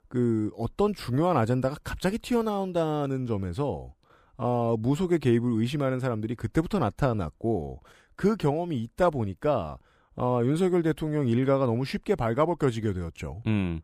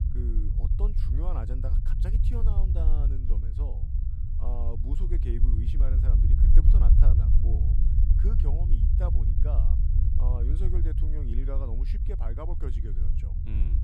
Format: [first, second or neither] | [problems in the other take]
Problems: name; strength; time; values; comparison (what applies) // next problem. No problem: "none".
first | low rumble; loud; throughout; 1 dB below the speech